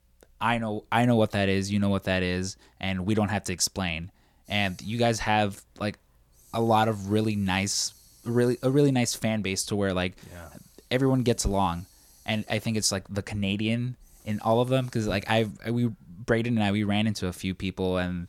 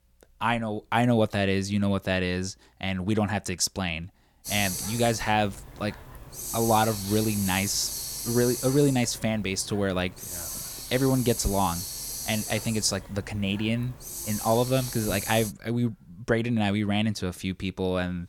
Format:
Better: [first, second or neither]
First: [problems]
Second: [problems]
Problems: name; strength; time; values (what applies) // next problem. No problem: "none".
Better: first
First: hiss; faint; from 4.5 to 16 s; 30 dB below the speech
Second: hiss; loud; from 4.5 to 16 s; 6 dB below the speech